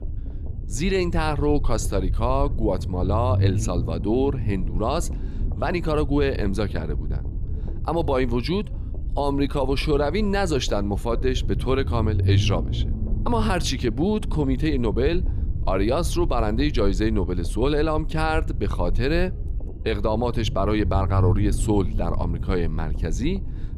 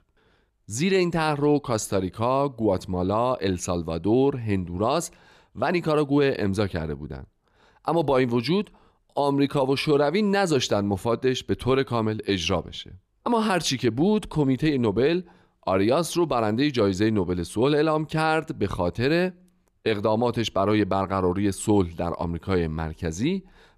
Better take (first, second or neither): second